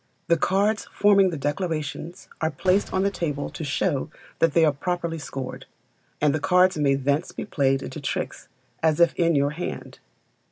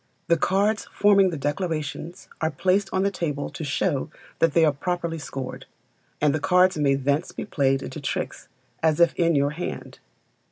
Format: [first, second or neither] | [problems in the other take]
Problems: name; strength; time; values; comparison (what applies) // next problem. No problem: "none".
second | background sound (Fireworks); 16 dB below the speech